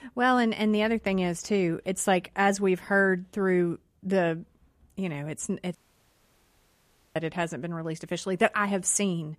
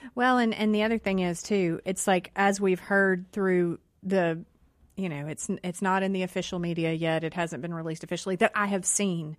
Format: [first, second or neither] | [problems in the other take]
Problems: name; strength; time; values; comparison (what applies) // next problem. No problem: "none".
second | audio cutting out; at 6 s for 1.5 s